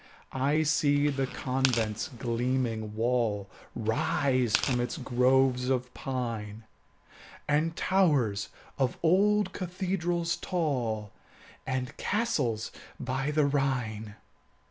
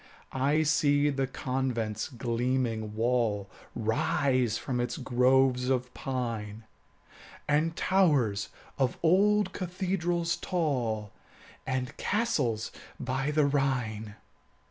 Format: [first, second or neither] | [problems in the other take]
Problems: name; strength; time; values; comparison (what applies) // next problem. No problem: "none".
second | background sound (Tearing); 10 dB below the speech